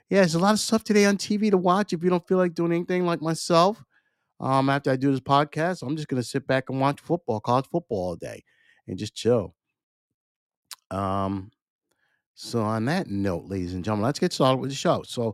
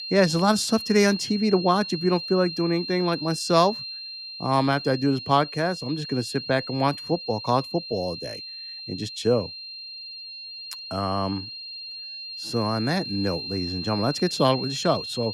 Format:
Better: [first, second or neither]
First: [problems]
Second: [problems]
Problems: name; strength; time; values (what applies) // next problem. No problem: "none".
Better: first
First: none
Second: high-pitched whine; loud; throughout; 4 kHz, 9 dB below the speech